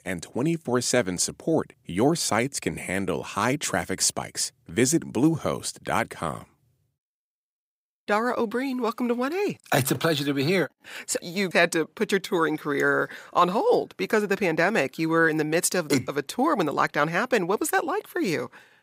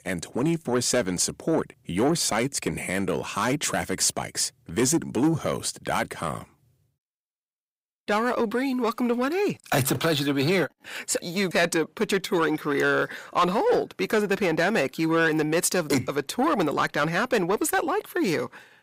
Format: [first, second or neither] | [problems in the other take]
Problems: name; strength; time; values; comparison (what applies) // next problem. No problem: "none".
first | distortion; slight; 10 dB below the speech